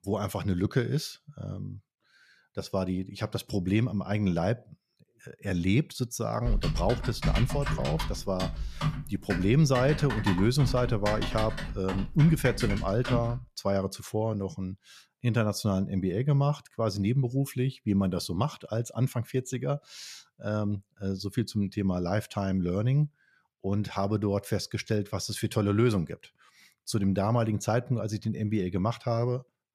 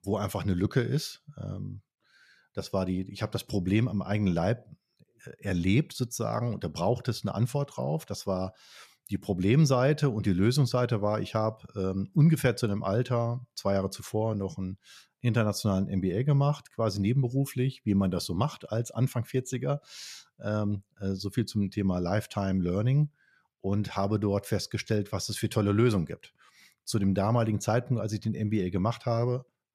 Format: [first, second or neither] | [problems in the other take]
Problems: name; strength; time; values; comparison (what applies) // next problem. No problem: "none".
second | keyboard typing; noticeable; from 6.5 to 13 s; peak 1 dB below the speech